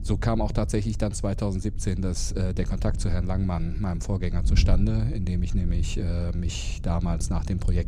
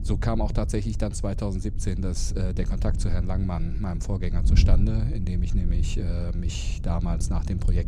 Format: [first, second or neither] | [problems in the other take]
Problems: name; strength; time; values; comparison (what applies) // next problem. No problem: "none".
first | wind noise on the microphone; heavy; 10 dB below the speech; occasional gusts in the first